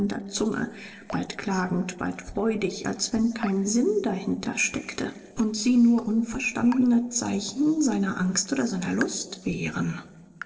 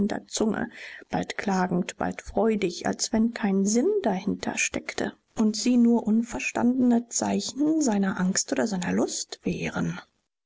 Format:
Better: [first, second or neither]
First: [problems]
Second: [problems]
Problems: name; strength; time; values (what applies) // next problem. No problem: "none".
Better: second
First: noise reduction (neural separator model SepFormer DNS4)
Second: none